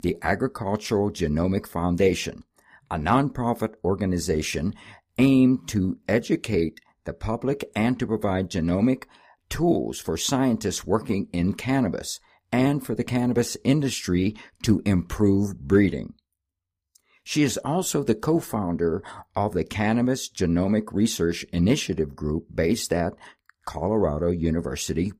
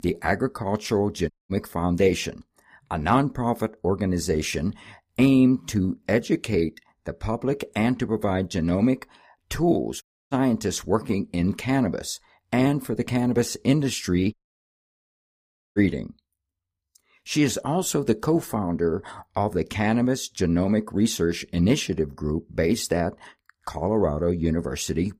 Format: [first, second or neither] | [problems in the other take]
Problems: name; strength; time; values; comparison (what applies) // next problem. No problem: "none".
first | audio cutting out; at 1.5 s, at 10 s and at 14 s for 1.5 s